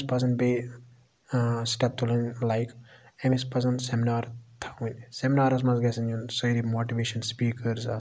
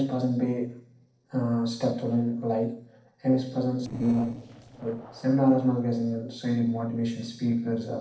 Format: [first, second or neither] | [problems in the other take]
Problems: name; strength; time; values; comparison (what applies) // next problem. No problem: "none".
first | noise reduction (neural separator model SepFormer DNS4)